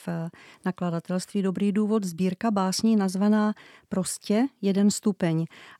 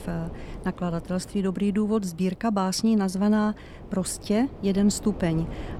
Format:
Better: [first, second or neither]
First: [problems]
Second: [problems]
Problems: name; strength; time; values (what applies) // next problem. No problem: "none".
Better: first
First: none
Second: wind noise on the microphone; occasional gusts; 15 dB below the speech